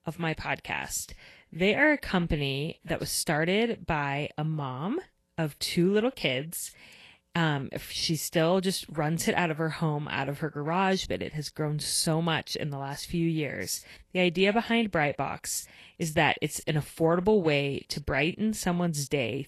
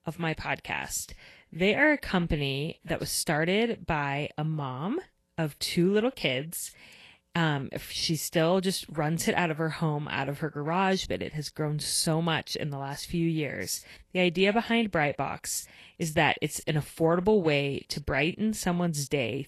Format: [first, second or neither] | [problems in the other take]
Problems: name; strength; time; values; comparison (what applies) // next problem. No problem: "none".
neither | garbled, watery; slightly; nothing above 12.5 kHz; the same in both